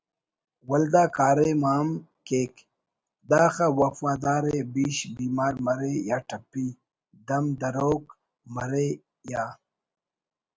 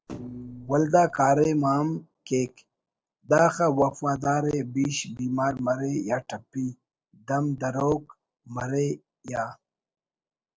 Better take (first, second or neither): first